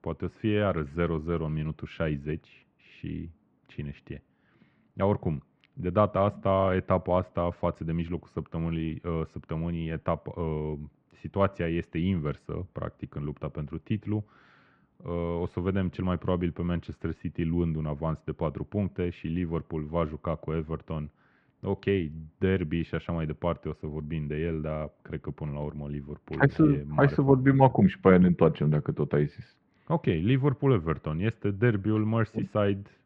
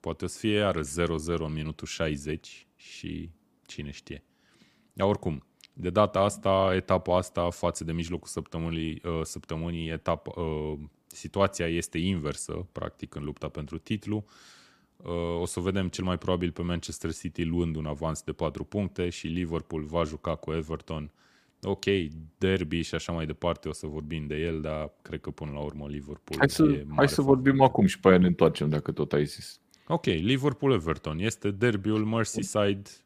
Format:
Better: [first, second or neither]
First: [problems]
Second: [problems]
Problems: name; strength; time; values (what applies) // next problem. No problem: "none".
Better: second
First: muffled; very; fading above 2.5 kHz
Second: none